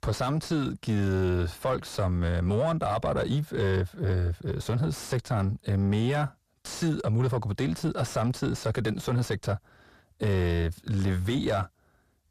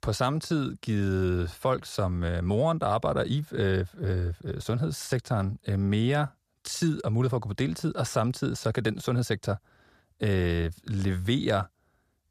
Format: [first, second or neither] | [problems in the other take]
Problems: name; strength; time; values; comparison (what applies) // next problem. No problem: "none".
second | distortion; slight; 10 dB below the speech